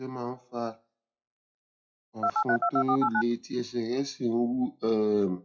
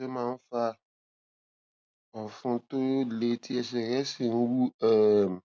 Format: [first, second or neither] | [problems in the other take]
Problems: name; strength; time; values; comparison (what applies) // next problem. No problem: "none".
second | noise reduction (classical method WPE with log-MMSE)